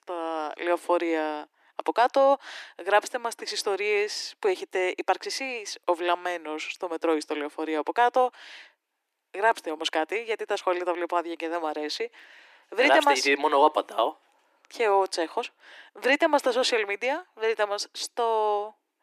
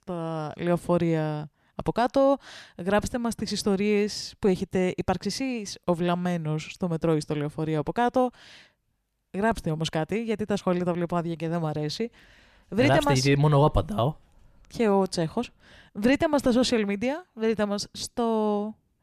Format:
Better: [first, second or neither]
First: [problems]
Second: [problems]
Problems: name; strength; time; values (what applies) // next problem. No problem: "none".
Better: second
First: thin; very; fading below 300 Hz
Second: none